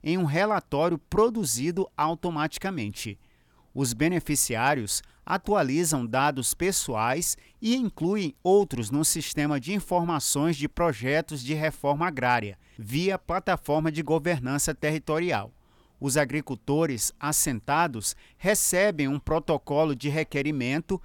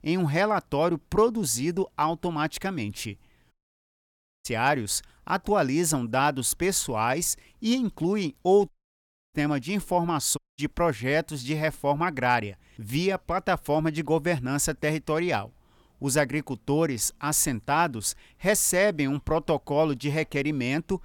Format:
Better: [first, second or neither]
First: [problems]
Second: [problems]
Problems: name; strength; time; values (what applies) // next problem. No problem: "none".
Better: first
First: none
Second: audio cutting out; at 3.5 s for 1 s, at 8.5 s for 0.5 s and at 10 s